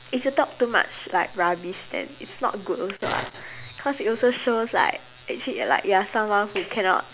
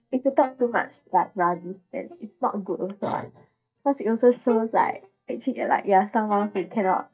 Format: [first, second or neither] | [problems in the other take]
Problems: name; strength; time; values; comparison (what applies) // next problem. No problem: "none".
first | noise reduction (neural mask model DeepFilterNet 3)